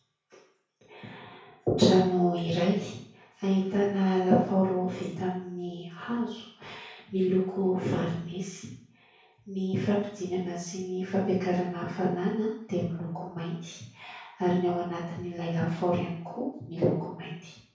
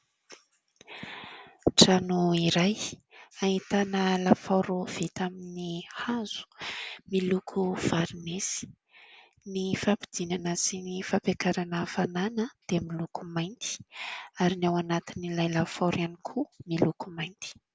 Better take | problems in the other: second | room echo; dies away in 0.6 s

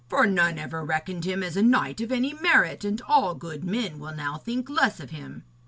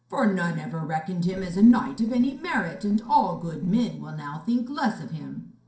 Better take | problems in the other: first | noise reduction (neural separator model SepFormer DNS4)

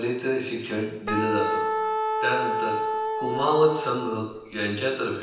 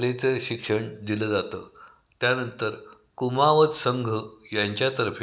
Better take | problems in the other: second | background sound (Wind instrument, woodwind instrument); 1 dB below the speech // room echo; dies away in 0.9 s

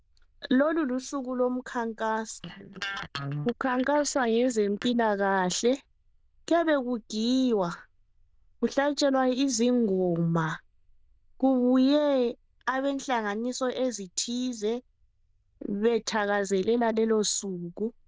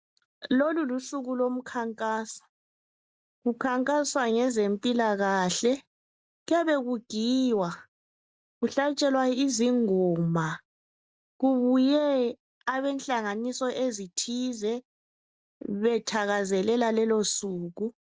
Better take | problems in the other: second | noise reduction (neural diffusion model UNIVERSE++)

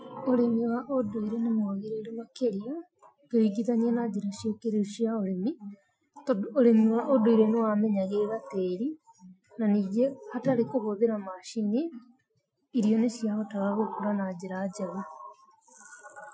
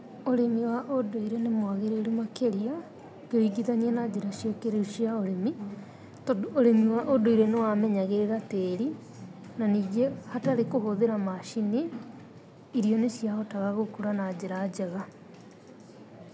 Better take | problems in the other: second | noise reduction (classical method Wiener filter)

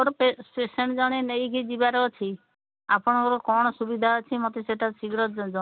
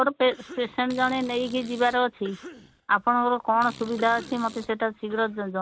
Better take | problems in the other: first | background sound (Cough + Fart); 19 dB below the speech

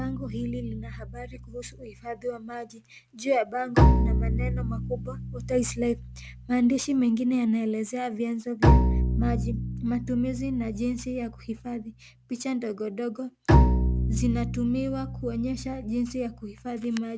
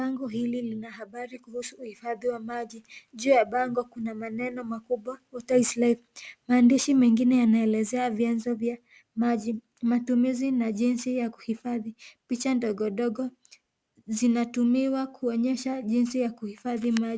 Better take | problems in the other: second | background sound (Bowed string instrument); 2 dB above the speech

